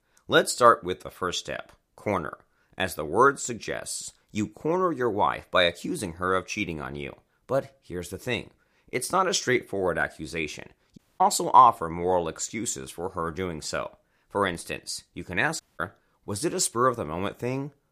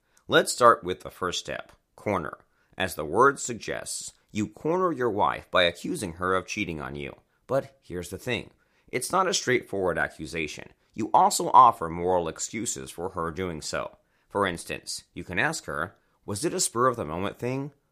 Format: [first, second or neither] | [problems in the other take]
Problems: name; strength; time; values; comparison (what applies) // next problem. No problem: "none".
second | audio cutting out; at 11 s and at 16 s